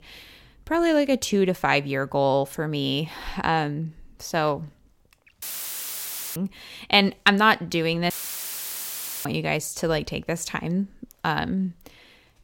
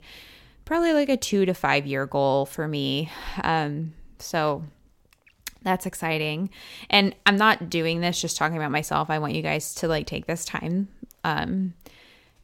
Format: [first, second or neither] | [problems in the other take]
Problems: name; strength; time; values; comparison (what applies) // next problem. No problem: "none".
second | audio cutting out; filled with static; at 5.5 s for 1 s and at 8 s for 1 s